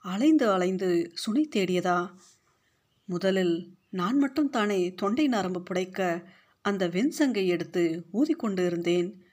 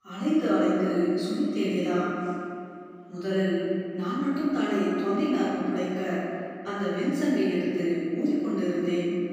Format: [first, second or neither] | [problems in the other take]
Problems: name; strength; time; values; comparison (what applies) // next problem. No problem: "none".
first | off-mic speech; far // room echo; strong; dies away in 2.3 s